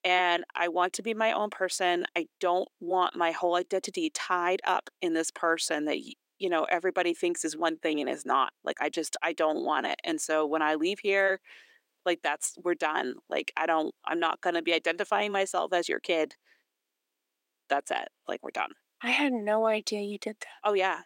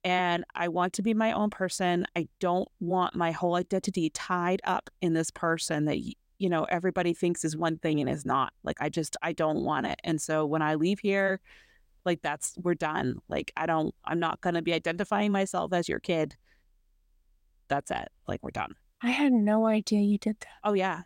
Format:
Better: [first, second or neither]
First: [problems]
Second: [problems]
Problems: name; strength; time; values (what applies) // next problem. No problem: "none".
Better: second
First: thin; somewhat; fading below 300 Hz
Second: none